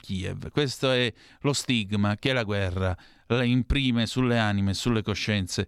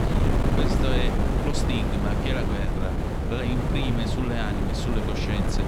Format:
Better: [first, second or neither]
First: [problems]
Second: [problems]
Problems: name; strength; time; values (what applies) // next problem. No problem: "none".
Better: first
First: none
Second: wind noise on the microphone; heavy; 2 dB above the speech